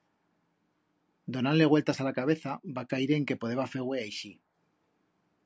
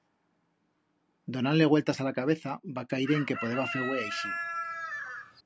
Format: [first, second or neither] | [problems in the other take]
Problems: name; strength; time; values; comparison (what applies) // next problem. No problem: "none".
first | background sound (Chicken, rooster); 5 dB below the speech